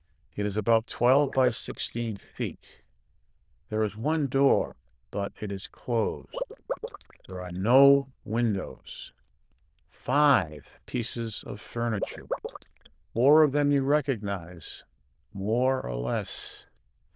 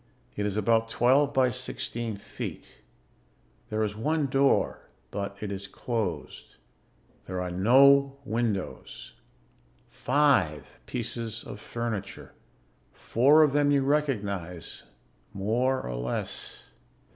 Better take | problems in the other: second | noise reduction (neural diffusion model UNIVERSE++)

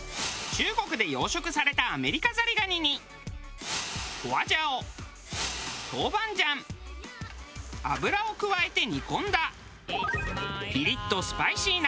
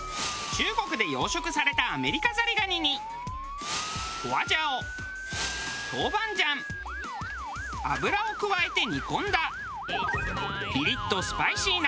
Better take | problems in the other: first | background sound (Motor vehicle (road) / Siren); 7 dB below the speech

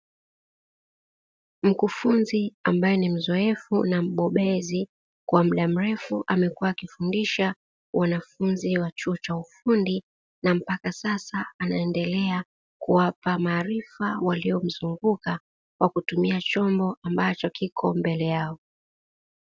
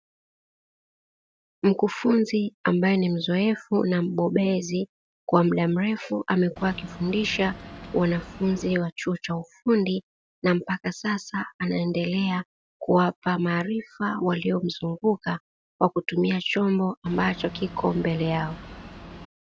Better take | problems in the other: first | background sound (Boat, Water vehicle); 15 dB below the speech

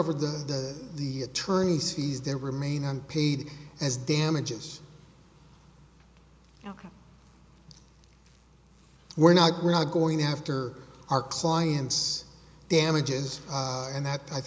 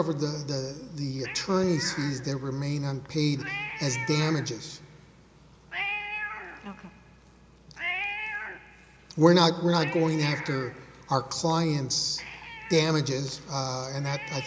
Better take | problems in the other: first | background sound (Cat); 11 dB below the speech

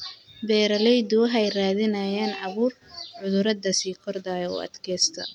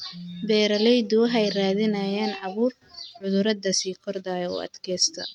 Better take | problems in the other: first | noise reduction (neural mask model RNNoise)

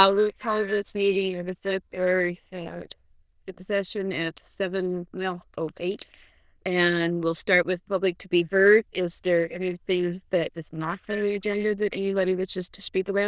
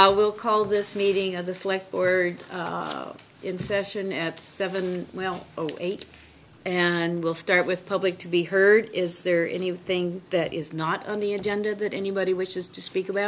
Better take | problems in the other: second | noise reduction (neural diffusion model UNIVERSE++)

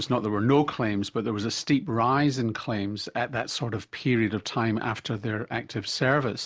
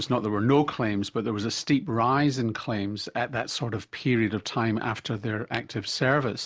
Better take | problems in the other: first | background sound (Tap / Glass); 18 dB below the speech

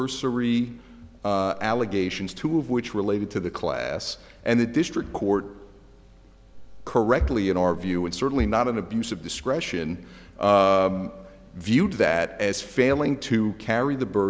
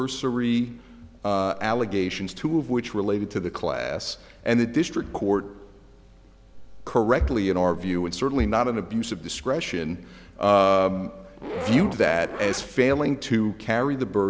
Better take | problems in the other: first | background sound (Zipper (clothing)); 10 dB below the speech

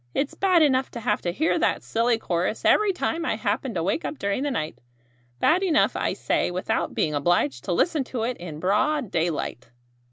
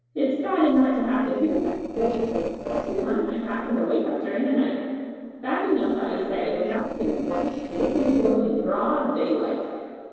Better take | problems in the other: first | noise reduction (neural separator model SepFormer DNS4)

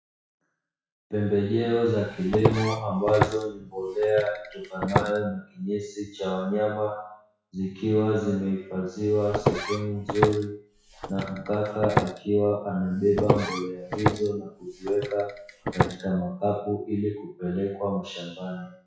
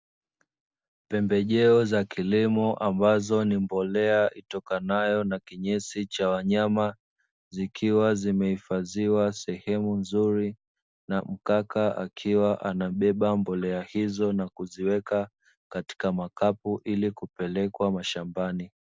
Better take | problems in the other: second | noise reduction (classical method WPE with log-MMSE)

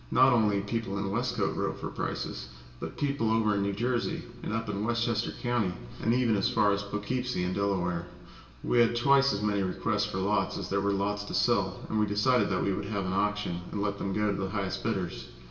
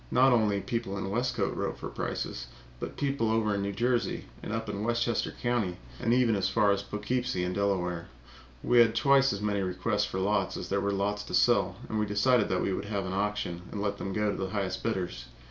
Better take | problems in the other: second | room echo; dies away in 1 s

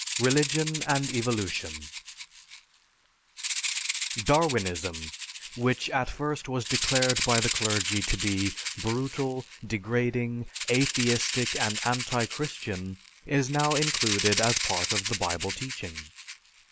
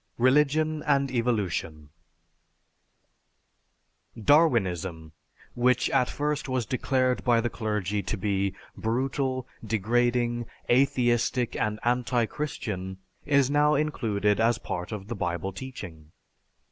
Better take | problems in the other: second | background sound (Rattle (instrument)); 3 dB below the speech

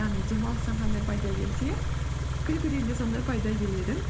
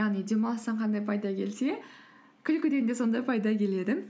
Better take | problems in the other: second | background sound (Idling / Car); 3 dB above the speech

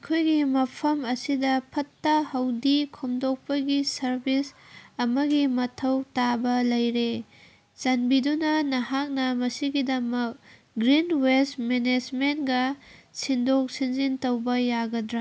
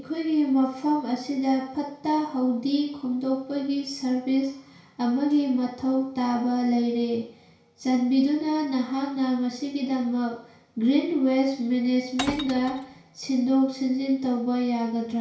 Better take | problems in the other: first | background sound (Glass); 10 dB below the speech // room echo; dies away in 0.6 s

